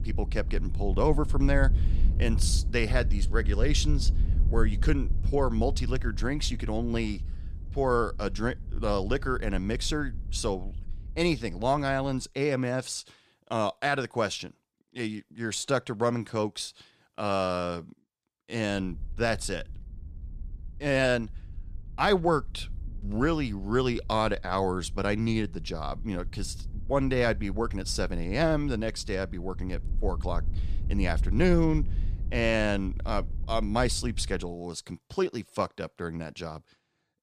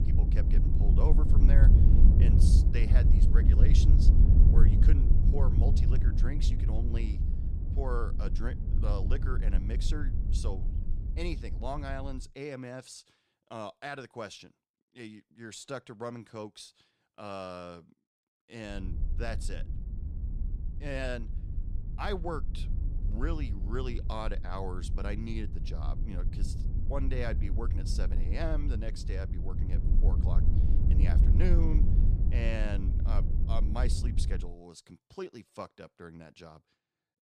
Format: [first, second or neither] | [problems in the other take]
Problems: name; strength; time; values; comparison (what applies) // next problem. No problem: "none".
first | low rumble; loud; until 12 s and from 19 to 34 s; 4 dB below the speech; faint in the first